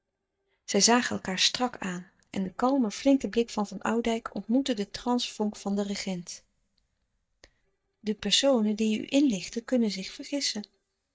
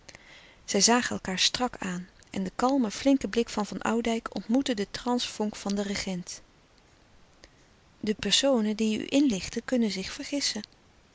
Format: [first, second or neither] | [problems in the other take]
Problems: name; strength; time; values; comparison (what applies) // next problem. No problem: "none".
second | noise reduction (neural mask model DeepFilterNet 3)